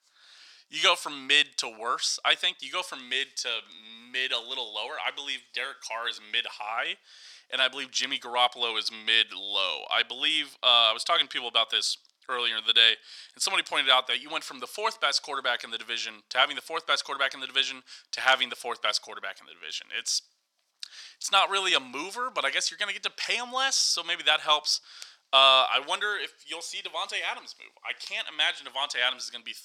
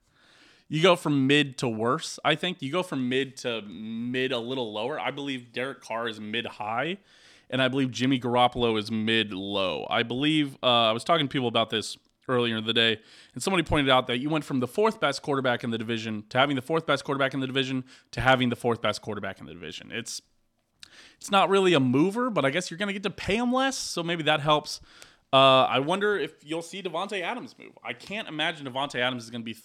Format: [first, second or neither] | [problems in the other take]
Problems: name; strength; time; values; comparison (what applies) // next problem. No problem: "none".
second | thin; very; fading below 900 Hz